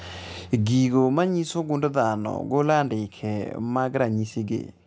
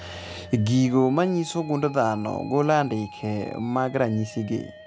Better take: first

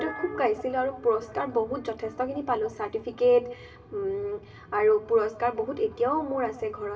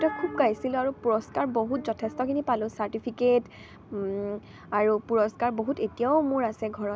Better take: second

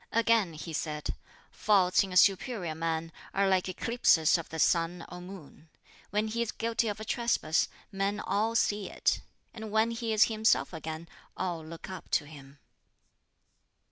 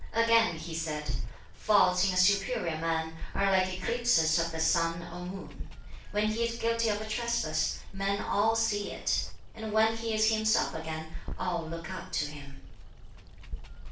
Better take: first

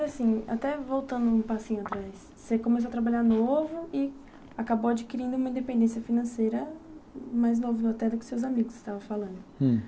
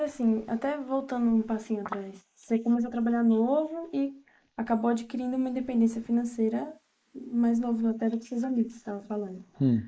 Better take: first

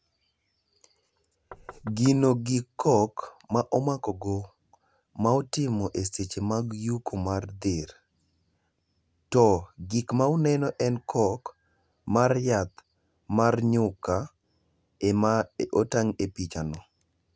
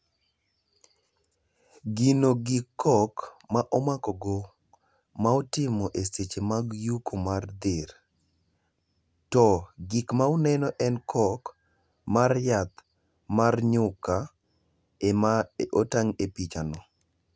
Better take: second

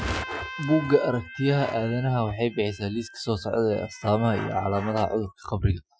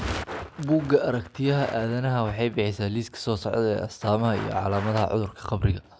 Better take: second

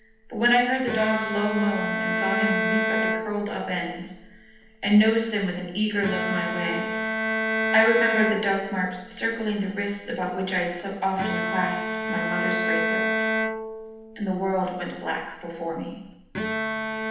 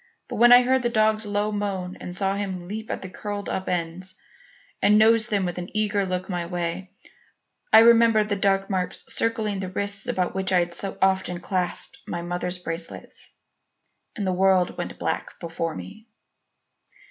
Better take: second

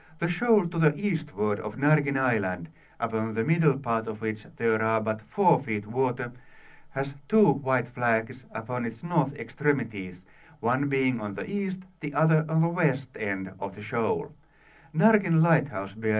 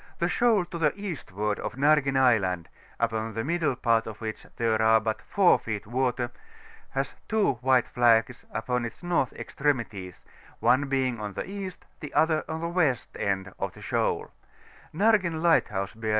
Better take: second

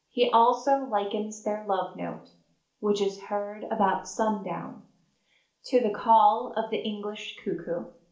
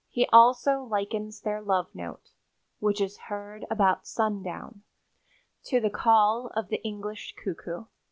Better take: second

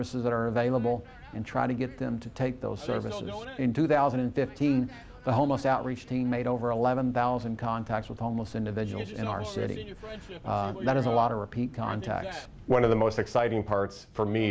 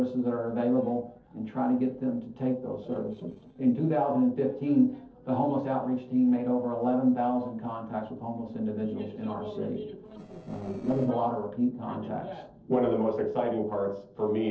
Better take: first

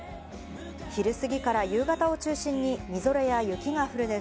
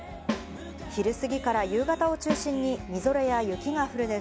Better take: first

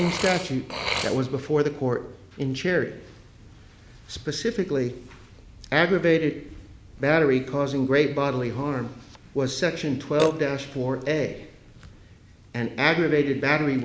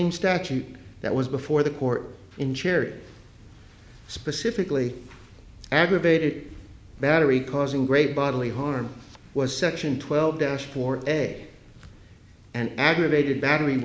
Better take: second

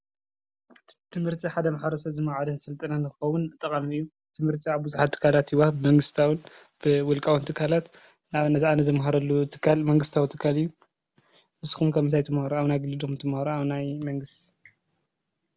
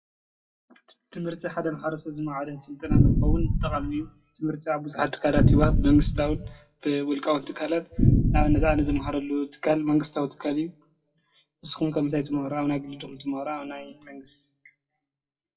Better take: first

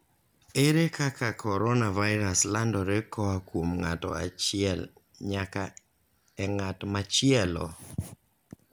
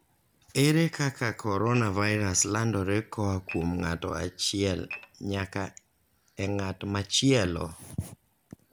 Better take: first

